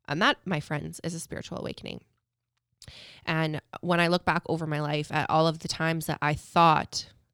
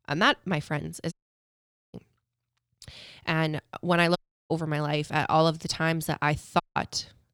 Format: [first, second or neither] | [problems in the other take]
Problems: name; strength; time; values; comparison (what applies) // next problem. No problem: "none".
first | audio cutting out; at 1 s for 1 s, at 4 s and at 6.5 s